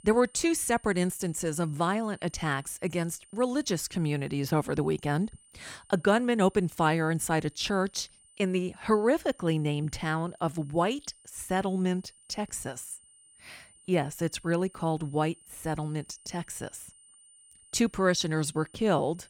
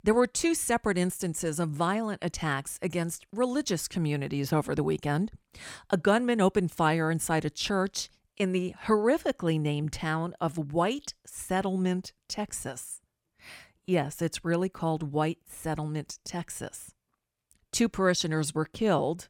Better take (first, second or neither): second